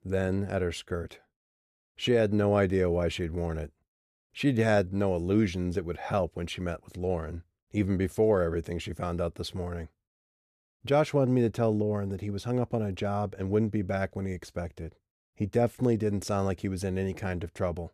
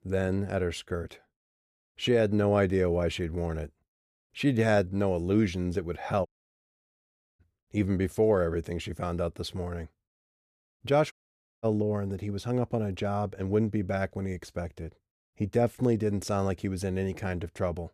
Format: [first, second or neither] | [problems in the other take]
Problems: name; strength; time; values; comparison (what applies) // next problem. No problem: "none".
first | audio cutting out; at 6.5 s for 1 s and at 11 s for 0.5 s